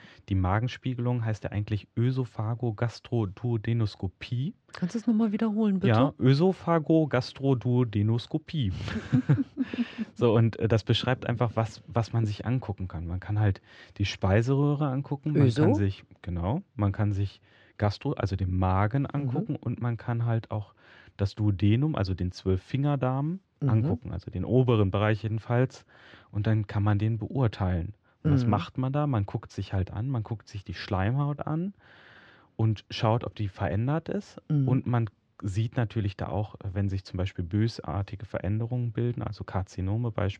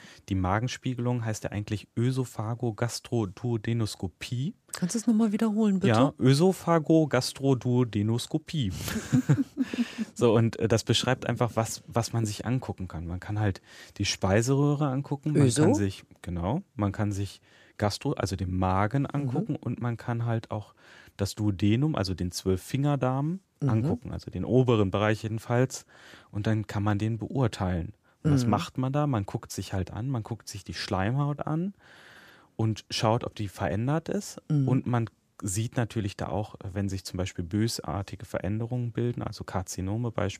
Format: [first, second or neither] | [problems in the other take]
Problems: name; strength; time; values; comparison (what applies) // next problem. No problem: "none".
second | muffled; slightly; fading above 4 kHz